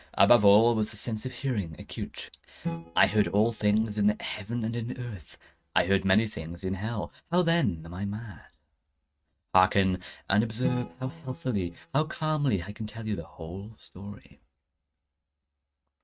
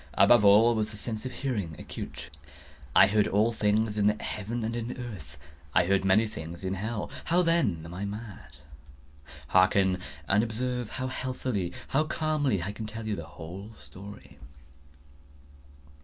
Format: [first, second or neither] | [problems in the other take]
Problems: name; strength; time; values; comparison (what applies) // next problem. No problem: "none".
second | noise reduction (neural mask model RNNoise)